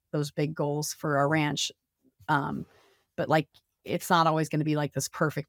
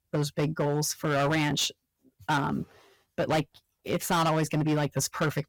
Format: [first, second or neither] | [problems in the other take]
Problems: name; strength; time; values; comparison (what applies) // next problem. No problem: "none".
first | distortion; heavy; 12% of the sound clipped